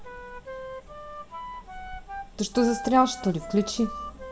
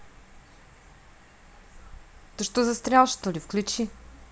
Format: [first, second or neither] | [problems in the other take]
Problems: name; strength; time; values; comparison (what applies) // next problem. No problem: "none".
second | background sound (Wind instrument, woodwind instrument); 11 dB below the speech // room echo; dies away in 2.1 s